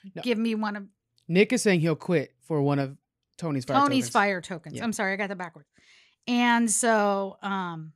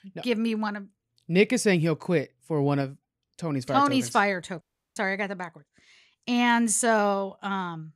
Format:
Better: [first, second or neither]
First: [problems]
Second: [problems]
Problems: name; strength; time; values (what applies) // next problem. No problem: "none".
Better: first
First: none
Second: audio cutting out; at 4.5 s